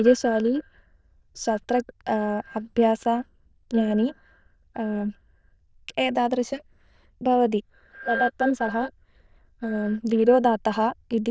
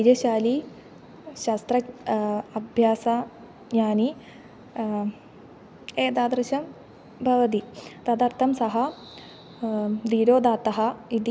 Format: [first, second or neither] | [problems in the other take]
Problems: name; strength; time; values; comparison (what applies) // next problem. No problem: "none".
second | noise reduction (neural diffusion model UNIVERSE++)